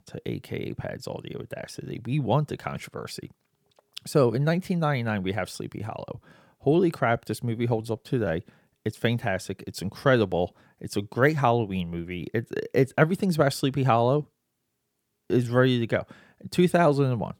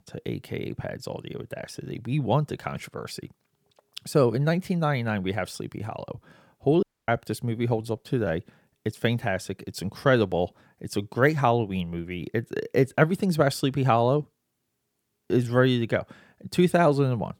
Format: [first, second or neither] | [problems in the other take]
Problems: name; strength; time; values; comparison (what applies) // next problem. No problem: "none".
first | audio cutting out; at 7 s